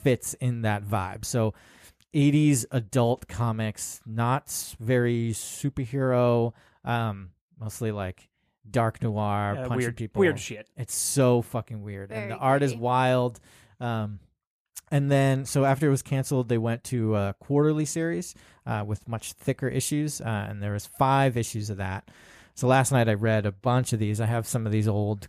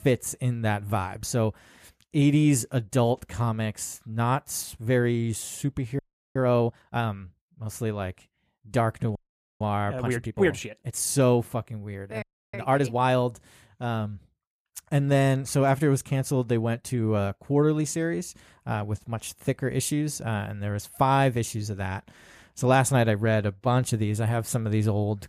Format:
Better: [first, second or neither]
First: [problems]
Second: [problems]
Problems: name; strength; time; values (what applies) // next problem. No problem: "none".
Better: first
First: none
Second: audio freezing; at 6 s, at 9 s and at 12 s